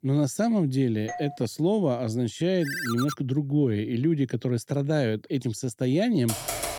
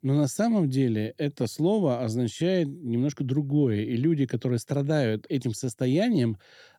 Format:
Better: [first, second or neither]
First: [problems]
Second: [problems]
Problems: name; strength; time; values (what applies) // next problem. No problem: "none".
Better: second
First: doorbell; faint; at 1 s; peak 10 dB below the speech // phone ringing; noticeable; at 2.5 s; peak 5 dB below the speech // keyboard typing; noticeable; at 6.5 s; peak 3 dB below the speech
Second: none